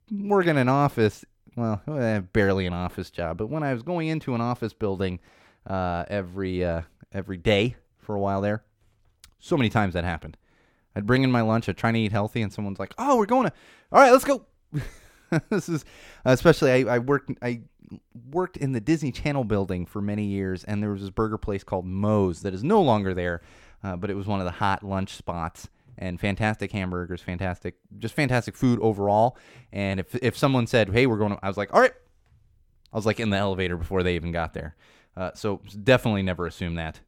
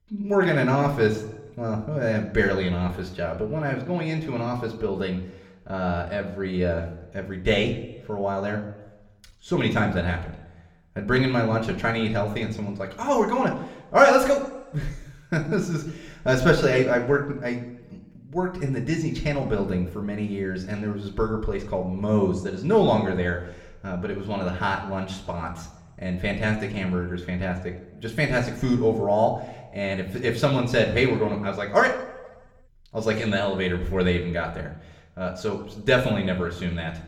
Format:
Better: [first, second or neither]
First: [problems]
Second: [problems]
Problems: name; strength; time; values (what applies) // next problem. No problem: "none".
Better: first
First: none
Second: room echo; slight; dies away in 0.7 s // off-mic speech; somewhat distant